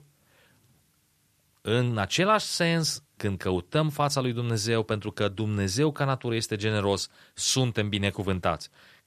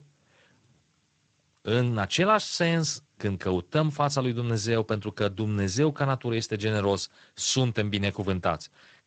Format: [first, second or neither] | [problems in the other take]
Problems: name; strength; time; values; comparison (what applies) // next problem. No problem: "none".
first | garbled, watery; slightly; nothing above 7.5 kHz